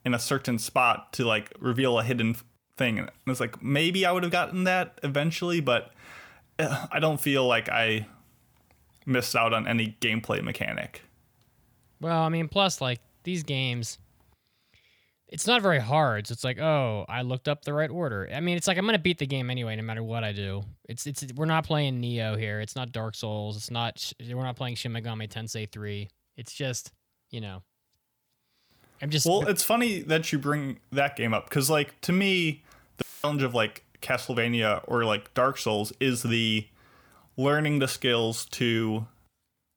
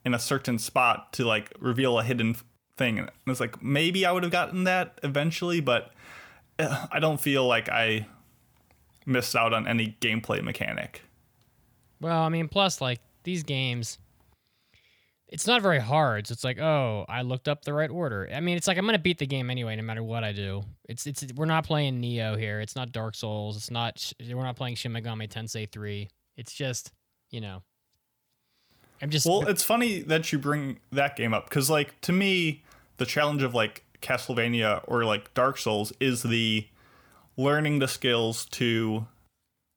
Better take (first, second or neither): second